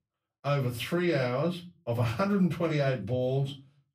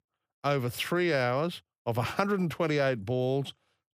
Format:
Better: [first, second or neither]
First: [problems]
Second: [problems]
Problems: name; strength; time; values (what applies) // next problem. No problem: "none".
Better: second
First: off-mic speech; far // room echo; very slight; dies away in 0.3 s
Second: none